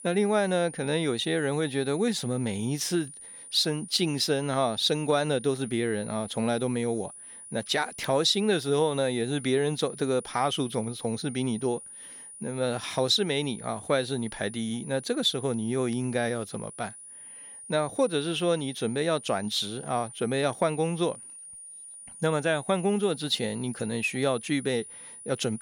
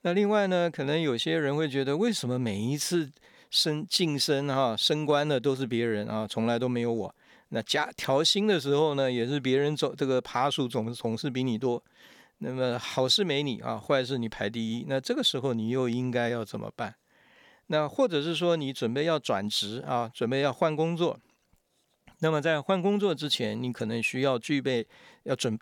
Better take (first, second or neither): second